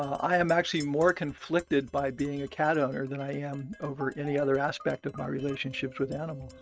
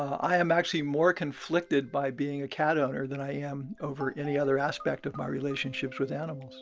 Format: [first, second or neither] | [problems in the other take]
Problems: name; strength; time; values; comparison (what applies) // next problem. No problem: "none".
second | noise reduction (neural mask model RNNoise)